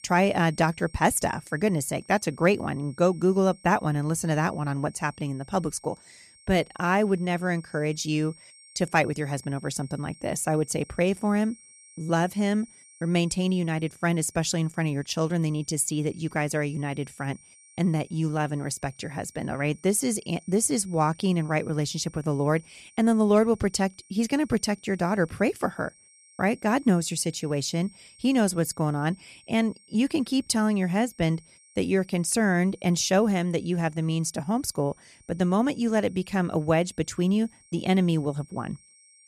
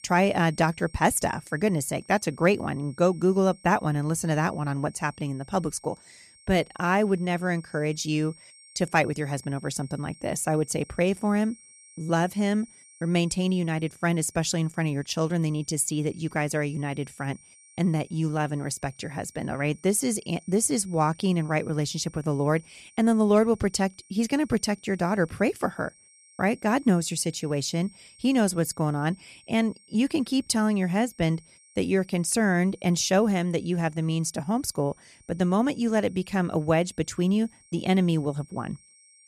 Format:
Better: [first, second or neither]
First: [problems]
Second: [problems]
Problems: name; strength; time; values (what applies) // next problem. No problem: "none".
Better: neither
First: high-pitched whine; faint; throughout; 8.5 kHz, 25 dB below the speech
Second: high-pitched whine; faint; throughout; 8.5 kHz, 25 dB below the speech